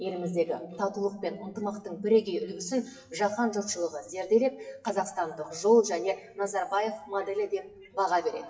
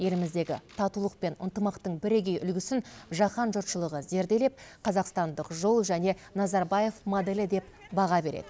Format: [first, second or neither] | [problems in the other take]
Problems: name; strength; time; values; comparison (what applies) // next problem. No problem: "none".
second | noise reduction (classical method WPE with log-MMSE)